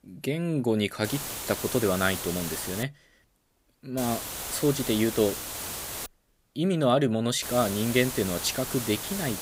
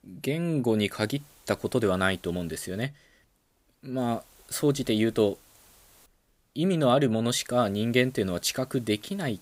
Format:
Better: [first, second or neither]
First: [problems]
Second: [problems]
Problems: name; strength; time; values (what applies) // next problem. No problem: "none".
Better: second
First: hiss; loud; from 1 to 3 s, from 4 to 6 s and from 7.5 s on; 6 dB below the speech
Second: hiss; faint; from 1 to 3 s, from 4 to 6 s and from 7.5 s on; 30 dB below the speech